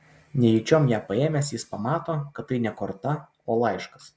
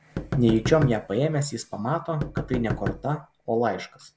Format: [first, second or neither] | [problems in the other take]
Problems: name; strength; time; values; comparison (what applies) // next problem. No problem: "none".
first | background sound (Knock); 7 dB below the speech